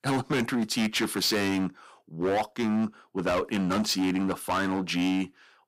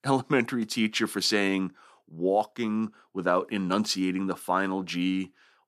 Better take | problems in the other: second | distortion; heavy; 17% of the sound clipped

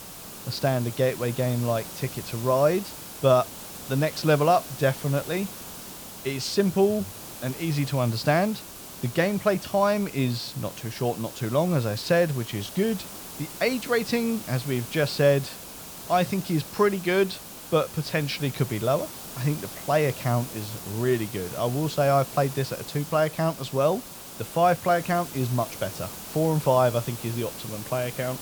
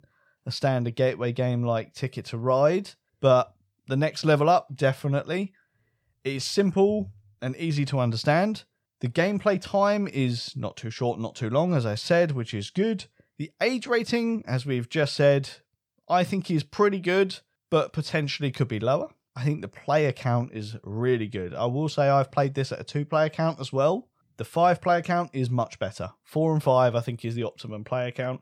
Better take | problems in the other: second | hiss; noticeable; throughout; 10 dB below the speech

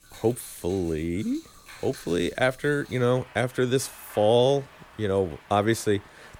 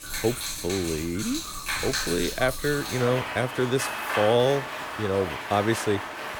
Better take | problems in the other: first | rain or running water; loud; throughout; 4 dB below the speech; faint in the first

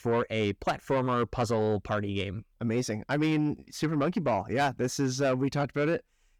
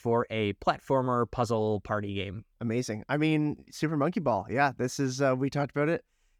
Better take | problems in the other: second | distortion; slight; 10 dB below the speech

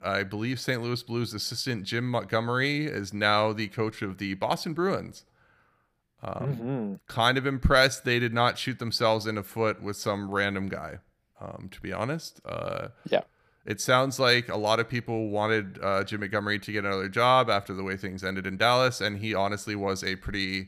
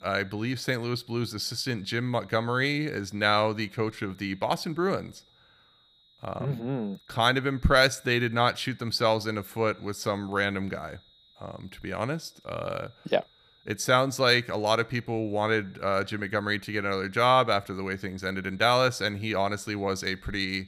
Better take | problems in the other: first | high-pitched whine; faint; throughout; 4 kHz, 30 dB below the speech

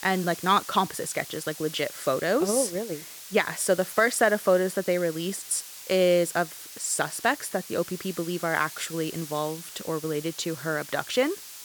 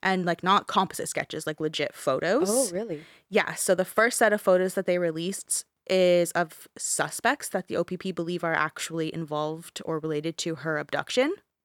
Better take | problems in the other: second | hiss; noticeable; throughout; 15 dB below the speech

